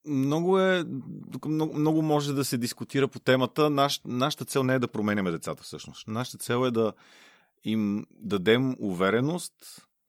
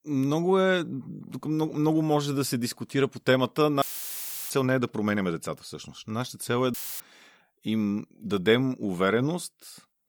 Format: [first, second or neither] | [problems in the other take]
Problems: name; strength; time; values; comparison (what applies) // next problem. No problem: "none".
first | audio cutting out; filled with static; at 4 s for 0.5 s and at 6.5 s